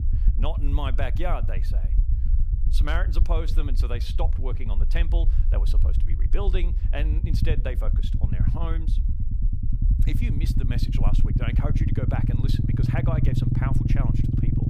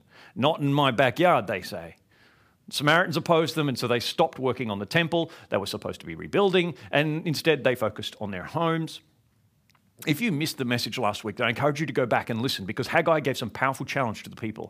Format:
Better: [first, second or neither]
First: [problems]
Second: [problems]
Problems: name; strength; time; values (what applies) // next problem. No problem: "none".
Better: second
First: low rumble; loud; throughout; 4 dB below the speech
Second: none